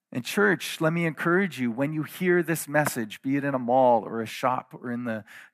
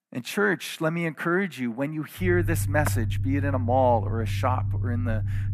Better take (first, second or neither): first